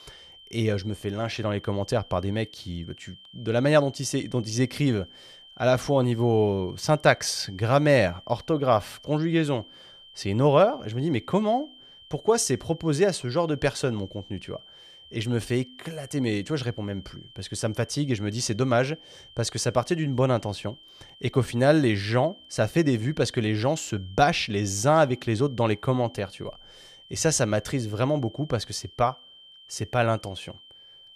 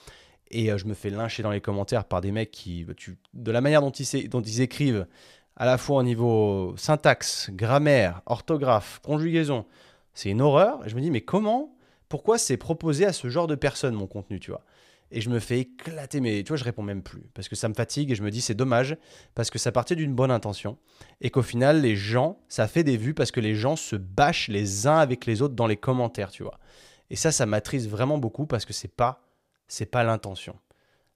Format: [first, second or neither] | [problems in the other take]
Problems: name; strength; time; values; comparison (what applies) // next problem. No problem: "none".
second | high-pitched whine; faint; throughout; 3 kHz, 20 dB below the speech